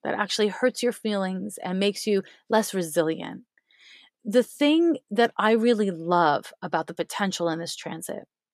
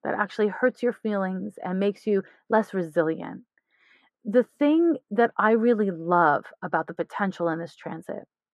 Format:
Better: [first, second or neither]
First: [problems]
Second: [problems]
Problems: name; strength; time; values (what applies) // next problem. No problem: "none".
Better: first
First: none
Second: muffled; very; fading above 2.5 kHz